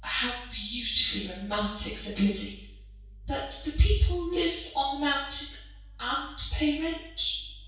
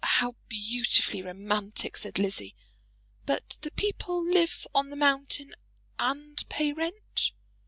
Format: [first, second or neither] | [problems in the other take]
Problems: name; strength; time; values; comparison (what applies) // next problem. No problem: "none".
second | room echo; dies away in 0.6 s